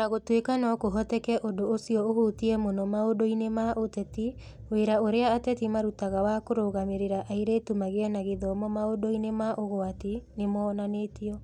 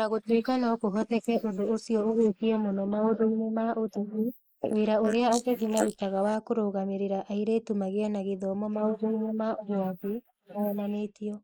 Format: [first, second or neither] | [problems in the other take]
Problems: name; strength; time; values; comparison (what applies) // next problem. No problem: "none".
first | noise reduction (neural mask model Resemble Enhance denoiser)